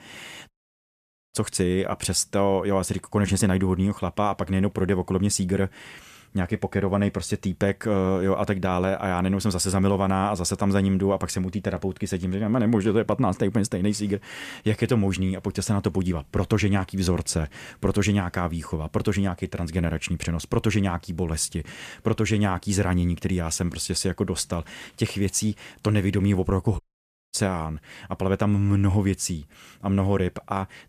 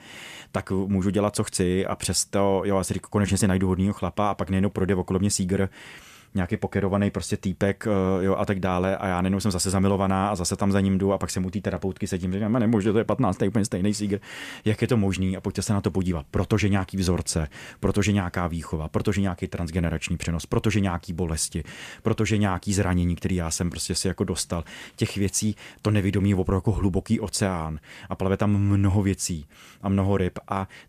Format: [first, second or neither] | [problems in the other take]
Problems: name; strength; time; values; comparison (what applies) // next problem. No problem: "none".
second | audio cutting out; at 0.5 s for 1 s and at 27 s for 0.5 s